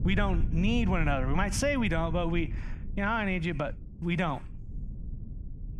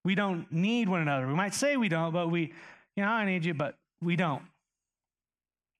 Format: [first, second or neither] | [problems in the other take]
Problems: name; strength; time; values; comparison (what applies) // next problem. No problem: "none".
second | low rumble; noticeable; throughout; 20 dB below the speech